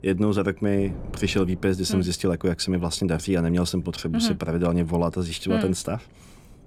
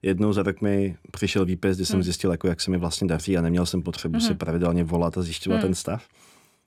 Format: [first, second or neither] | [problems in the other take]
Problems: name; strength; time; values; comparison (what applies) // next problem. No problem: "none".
second | wind noise on the microphone; occasional gusts; 25 dB below the speech